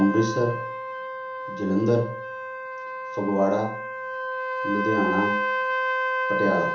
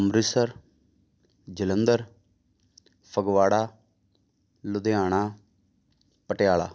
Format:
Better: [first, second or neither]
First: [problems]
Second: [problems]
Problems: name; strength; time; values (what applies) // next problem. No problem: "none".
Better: second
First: background sound (Trumpet); 2 dB below the speech // room echo; dies away in 1.2 s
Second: none